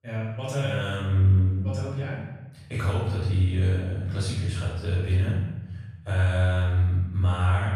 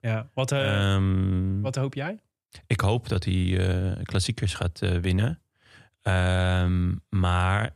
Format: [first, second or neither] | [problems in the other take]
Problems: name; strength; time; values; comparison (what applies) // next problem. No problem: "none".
second | off-mic speech; far // room echo; strong; dies away in 1.1 s